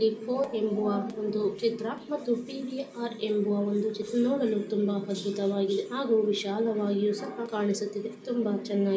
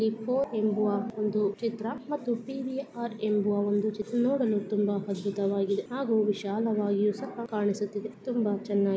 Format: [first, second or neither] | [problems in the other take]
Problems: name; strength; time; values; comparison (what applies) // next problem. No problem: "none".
second | room echo; dies away in 0.2 s